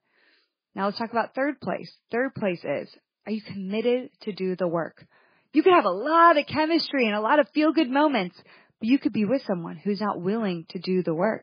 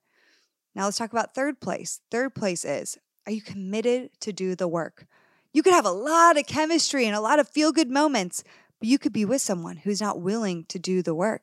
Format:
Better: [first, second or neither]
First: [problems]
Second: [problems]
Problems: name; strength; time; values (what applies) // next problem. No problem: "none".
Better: second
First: garbled, watery; badly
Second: none